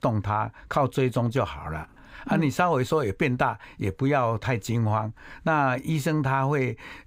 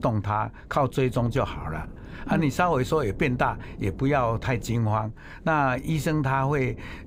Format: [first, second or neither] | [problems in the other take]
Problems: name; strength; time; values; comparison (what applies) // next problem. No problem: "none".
first | wind noise on the microphone; occasional gusts; 20 dB below the speech